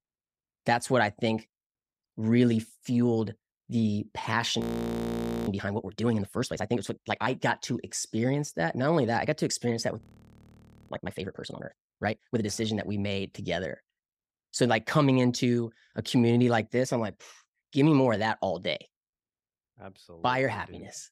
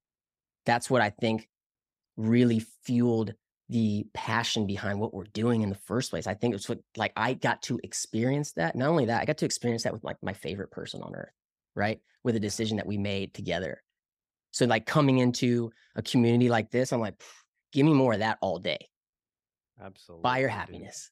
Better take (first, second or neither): second